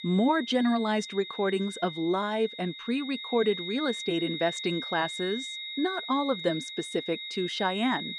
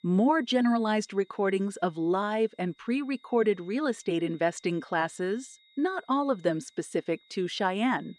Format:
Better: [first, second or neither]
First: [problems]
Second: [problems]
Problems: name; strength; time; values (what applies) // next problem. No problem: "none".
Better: second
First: high-pitched whine; loud; throughout; 4 kHz, 7 dB below the speech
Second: high-pitched whine; faint; throughout; 4 kHz, 30 dB below the speech